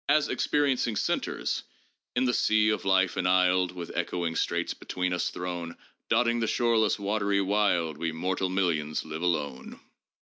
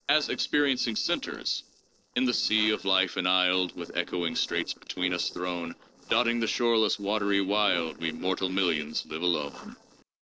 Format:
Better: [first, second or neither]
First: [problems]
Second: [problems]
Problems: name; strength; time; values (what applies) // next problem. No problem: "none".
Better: first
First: none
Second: noise reduction (neural separator model SepFormer DNS4)